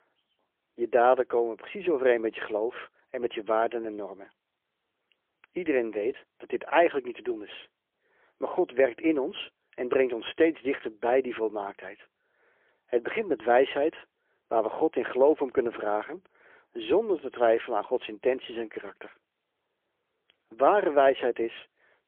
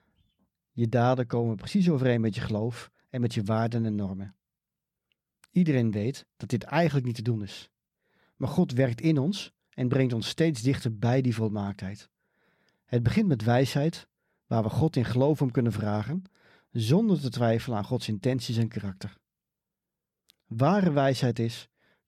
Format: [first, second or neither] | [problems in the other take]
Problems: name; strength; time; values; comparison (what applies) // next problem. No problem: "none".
second | phone-call audio; poor line; nothing above 3.5 kHz